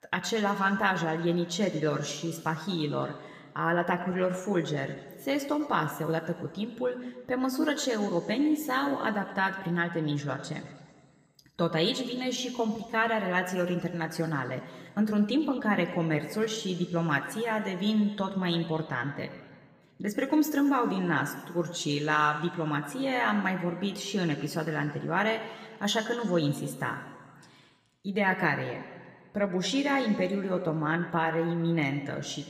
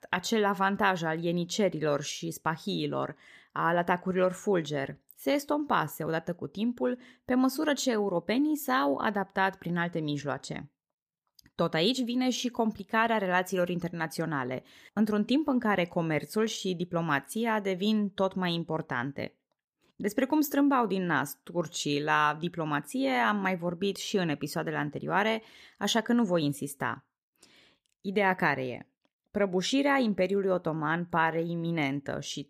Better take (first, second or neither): second